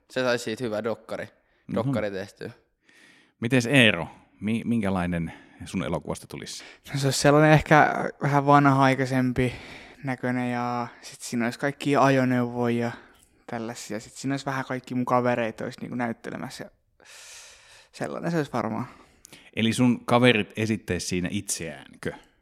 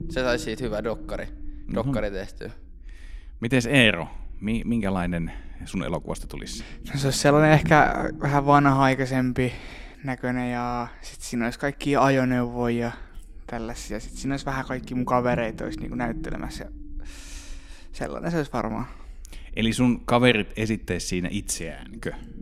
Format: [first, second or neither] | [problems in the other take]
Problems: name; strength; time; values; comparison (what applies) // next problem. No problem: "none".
first | low rumble; faint; throughout; 20 dB below the speech